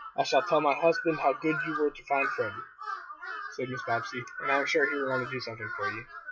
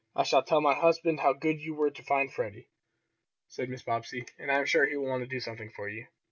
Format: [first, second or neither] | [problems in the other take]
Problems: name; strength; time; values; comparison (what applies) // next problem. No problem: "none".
second | noise reduction (classical method log-MMSE)